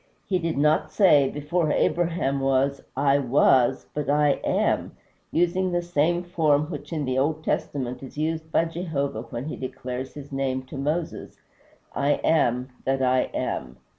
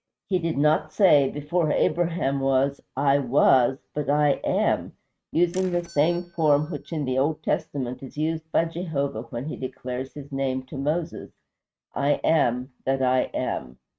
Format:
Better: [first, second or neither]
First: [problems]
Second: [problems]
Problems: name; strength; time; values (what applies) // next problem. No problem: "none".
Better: first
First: none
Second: noise reduction (neural mask model RNNoise)